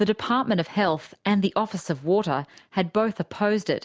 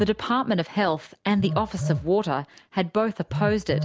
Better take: first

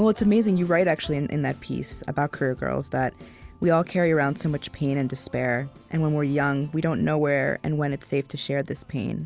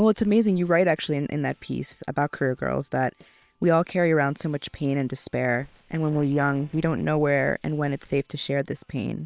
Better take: first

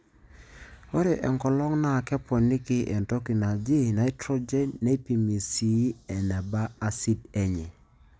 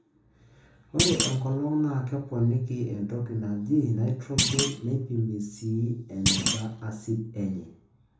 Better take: first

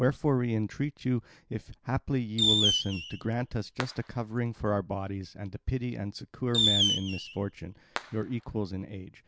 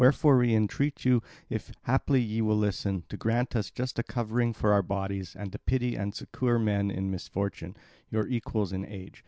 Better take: second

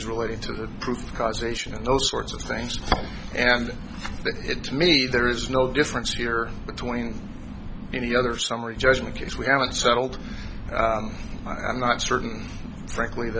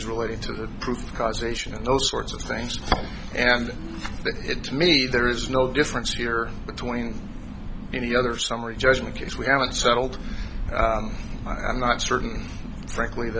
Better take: first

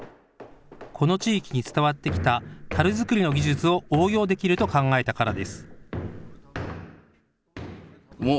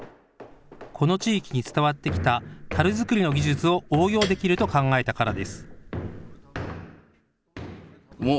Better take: first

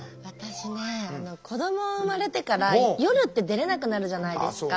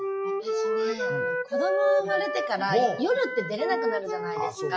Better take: first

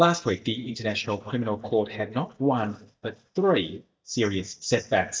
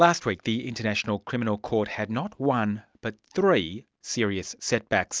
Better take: second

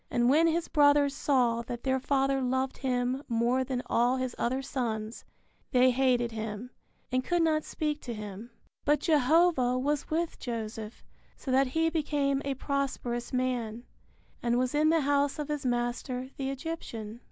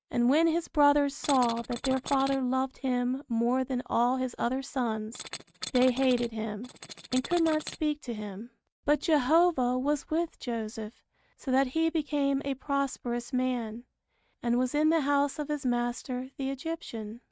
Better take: first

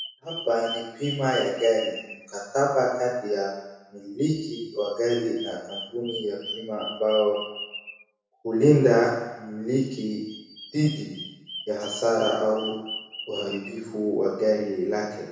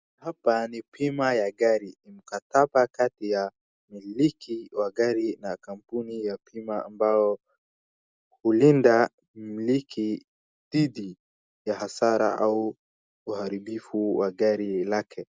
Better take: second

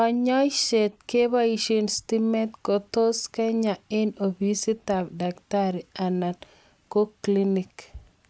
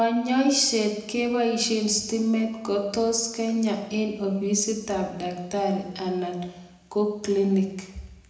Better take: first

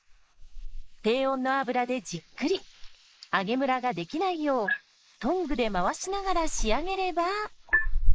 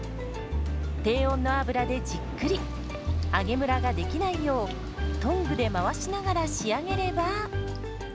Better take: second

